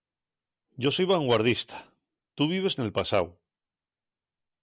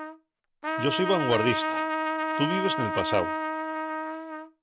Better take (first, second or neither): first